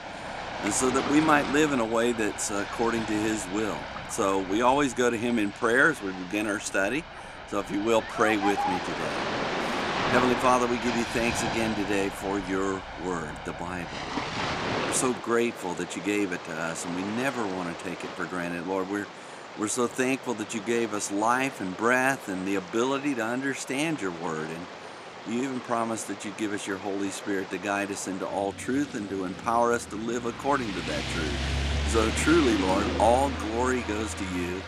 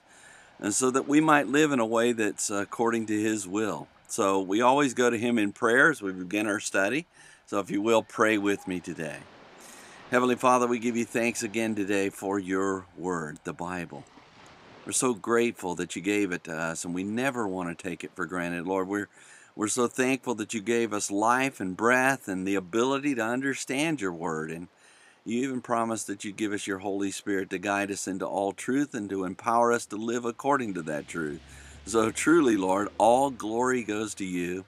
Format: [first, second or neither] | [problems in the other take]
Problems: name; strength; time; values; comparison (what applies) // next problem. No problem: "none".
second | rain or running water; loud; throughout; 6 dB below the speech; faint in the second